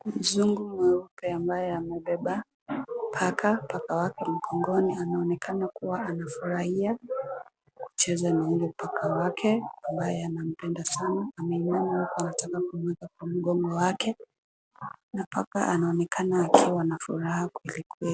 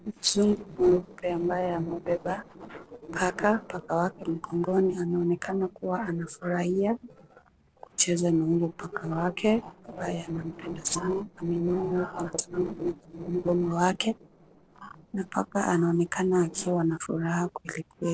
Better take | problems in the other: first | noise reduction (neural separator model SepFormer DNS4)

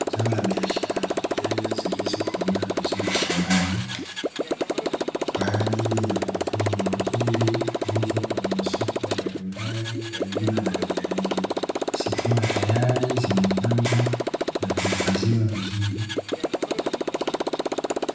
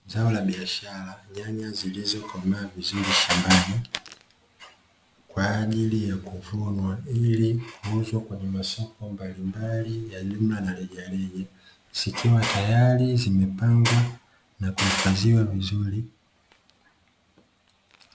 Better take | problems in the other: second | background sound (Motorcycle); as loud as the speech // room echo; dies away in 0.8 s

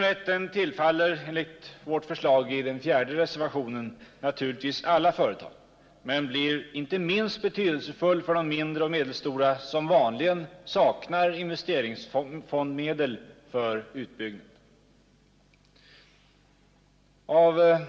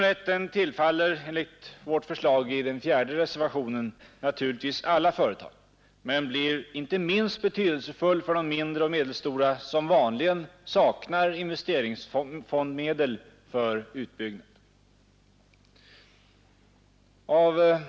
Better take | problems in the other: second | room echo; dies away in 1.8 s

